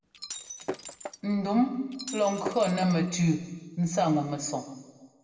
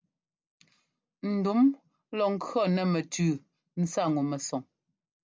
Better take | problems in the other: second | background sound (Shatter); 11 dB below the speech // room echo; dies away in 1.2 s

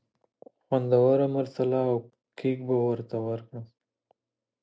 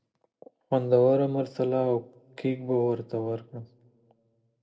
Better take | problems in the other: first | room echo; dies away in 0.7 s

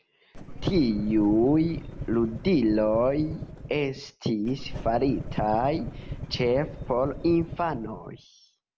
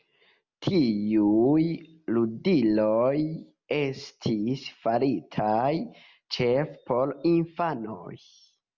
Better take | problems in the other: second | background sound (Engine starting / Car); 10 dB below the speech

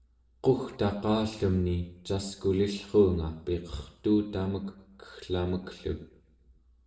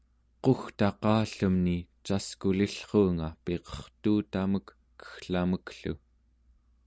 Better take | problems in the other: second | room echo; dies away in 0.6 s

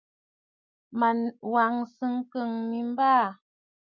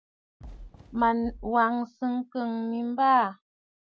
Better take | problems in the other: first | background sound (Fireworks); 18 dB below the speech

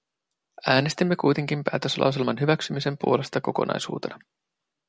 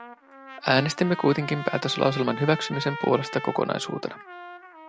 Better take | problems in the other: first | background sound (Trumpet); 12 dB below the speech

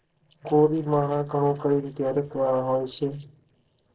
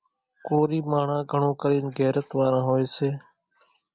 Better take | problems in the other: second | noise reduction (neural separator model SepFormer DNS4)

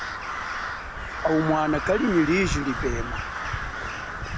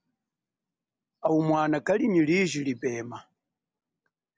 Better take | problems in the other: second | background sound (Crow); 4 dB below the speech

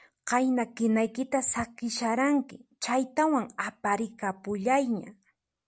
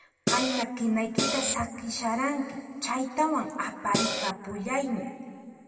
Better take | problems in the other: first | background sound (Cymbal); 2 dB above the speech // room echo; dies away in 2.1 s

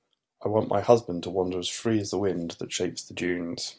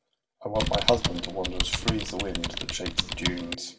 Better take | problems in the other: first | background sound (Typing); 2 dB above the speech // room echo; dies away in 1.2 s

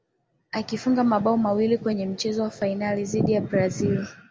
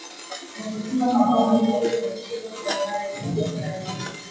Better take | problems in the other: first | noise reduction (classical method WPE with log-MMSE)

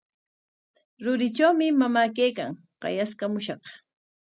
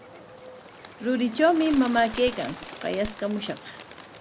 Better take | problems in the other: first | background sound (Bird); 14 dB below the speech

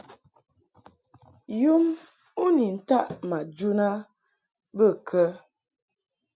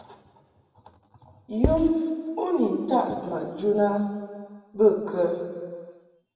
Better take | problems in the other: first | background sound (Writing); 1 dB above the speech // room echo; dies away in 1.6 s

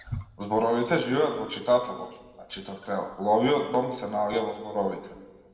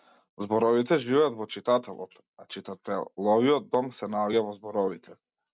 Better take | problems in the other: second | background sound (Wild animals); 19 dB below the speech // room echo; dies away in 1.3 s

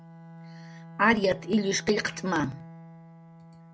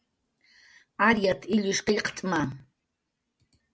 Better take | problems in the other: second | background sound (Bowed string instrument); 16 dB below the speech

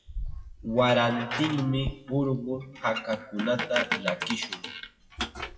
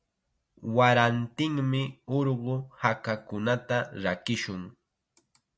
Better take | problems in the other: second | noise reduction (classical method WPE with log-MMSE)

